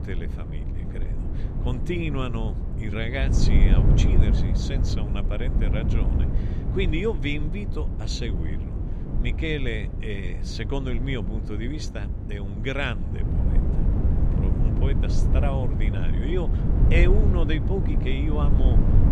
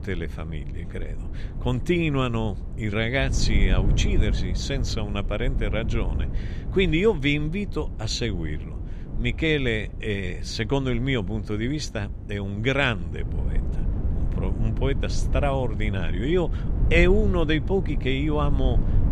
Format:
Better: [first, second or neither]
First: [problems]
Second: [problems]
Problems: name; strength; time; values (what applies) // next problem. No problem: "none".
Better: second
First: wind noise on the microphone; heavy; 5 dB below the speech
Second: wind noise on the microphone; occasional gusts; 15 dB below the speech